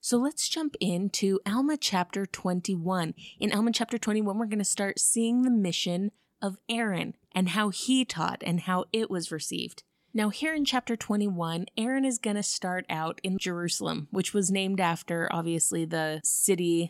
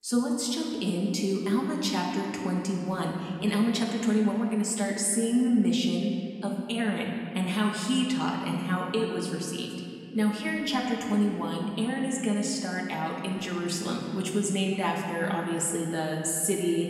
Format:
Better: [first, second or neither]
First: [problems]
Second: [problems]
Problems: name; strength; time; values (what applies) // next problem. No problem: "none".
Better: first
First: none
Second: room echo; noticeable; dies away in 2.6 s // off-mic speech; somewhat distant